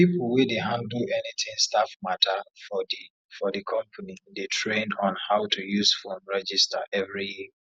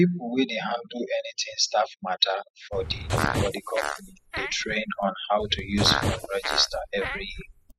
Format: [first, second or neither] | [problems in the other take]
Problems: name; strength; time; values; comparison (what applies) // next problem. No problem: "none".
first | noise reduction (classical method spectral subtraction)